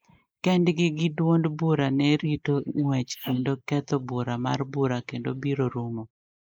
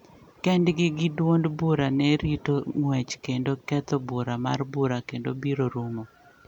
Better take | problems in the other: second | noise reduction (neural mask model Resemble Enhance denoiser)

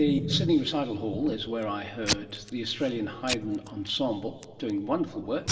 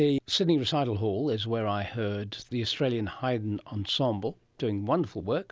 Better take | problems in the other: second | background sound (Packing tape, duct tape / Tearing); 7 dB below the speech // room echo; dies away in 1.7 s

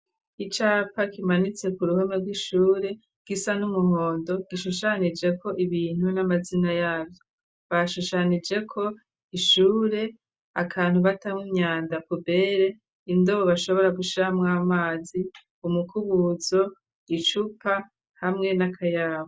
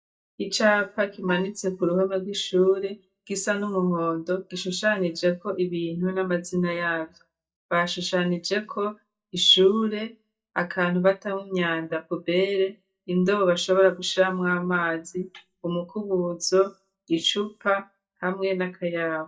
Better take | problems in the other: first | noise reduction (neural mask model DeepFilterNet 3)

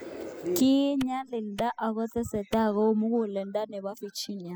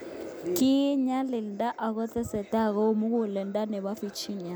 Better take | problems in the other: second | noise reduction (classical method spectral subtraction)

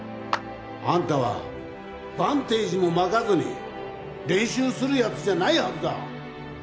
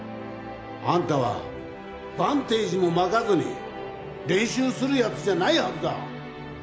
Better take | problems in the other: second | background sound (Clapping); 11 dB below the speech

